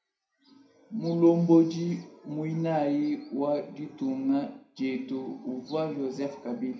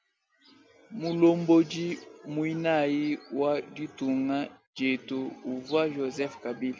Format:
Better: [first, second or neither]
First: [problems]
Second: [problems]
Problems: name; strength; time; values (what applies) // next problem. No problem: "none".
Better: second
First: room echo; dies away in 0.4 s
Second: none